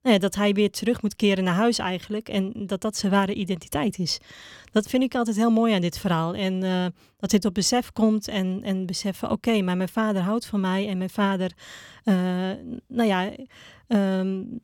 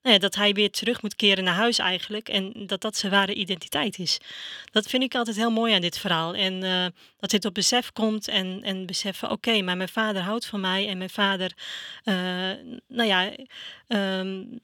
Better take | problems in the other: first | thin; very slightly; fading below 600 Hz

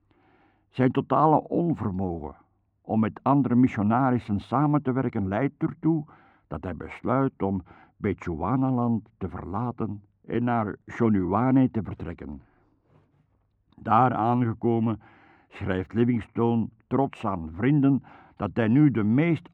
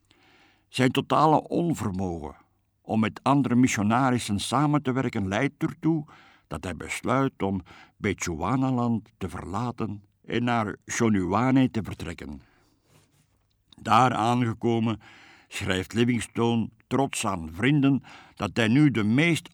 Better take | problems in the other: second | muffled; very; fading above 3.5 kHz

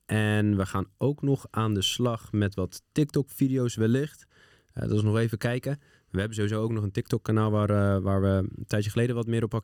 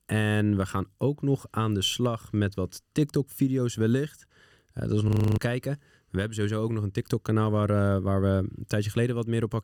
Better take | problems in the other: first | audio freezing; at 5 s

